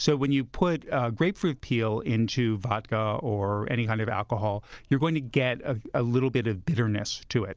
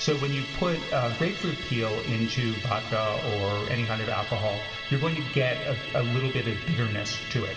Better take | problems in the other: first | background sound (Musical instrument); 8 dB below the speech // room echo; dies away in 2.3 s

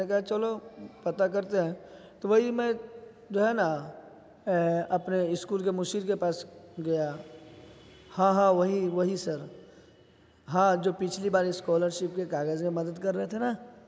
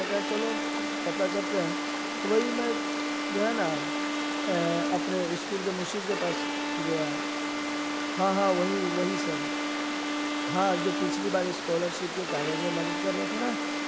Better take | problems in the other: first | background sound (Bowed string instrument + Water); 1 dB above the speech

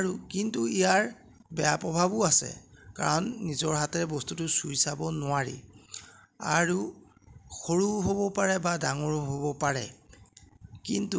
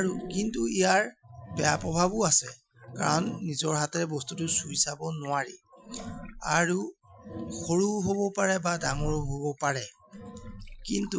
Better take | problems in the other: first | noise reduction (classical method Wiener filter)

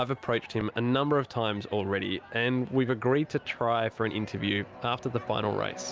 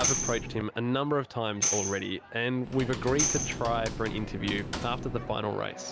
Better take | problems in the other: first | background sound (Computer keyboard + Tambourine); 3 dB below the speech

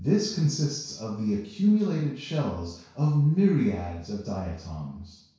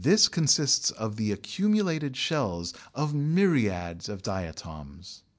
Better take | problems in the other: second | room echo; dies away in 0.6 s

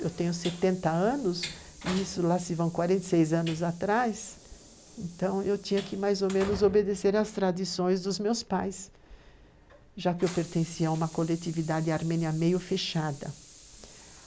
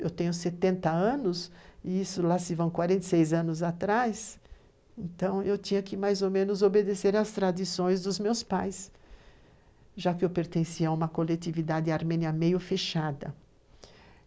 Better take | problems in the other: second | background sound (Train); 18 dB below the speech

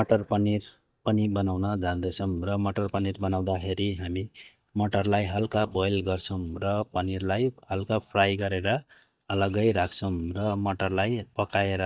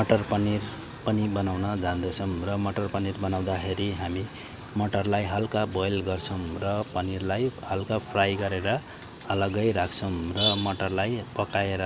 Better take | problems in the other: second | noise reduction (neural mask model DeepFilterNet 3)

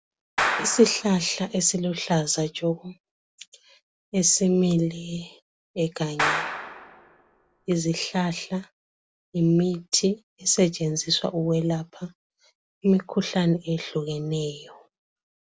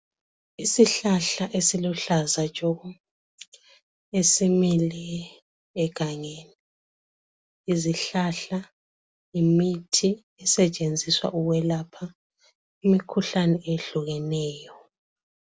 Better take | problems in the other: second | background sound (Clapping); 5 dB below the speech

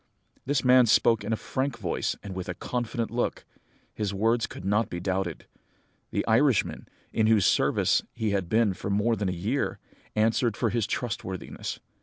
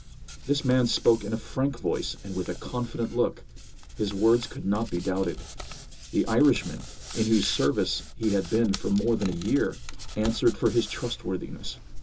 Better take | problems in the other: first | background sound (Hands); 11 dB below the speech // room echo; dies away in 0.2 s

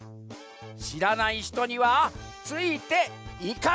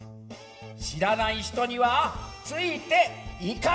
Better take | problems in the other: first | room echo; dies away in 2.6 s

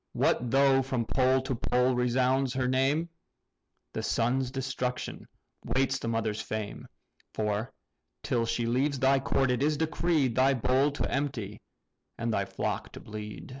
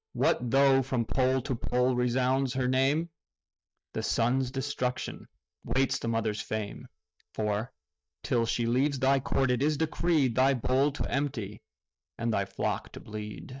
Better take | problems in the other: first | noise reduction (neural mask model DeepFilterNet 3)

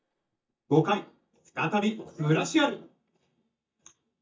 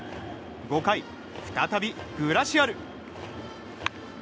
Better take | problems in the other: second | noise reduction (neural mask model DeepFilterNet 3)

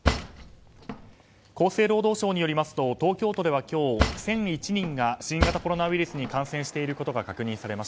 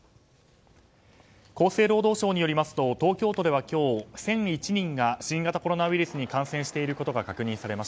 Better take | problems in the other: second | background sound (Cutlery, silverware / Drawer open or close); 3 dB below the speech

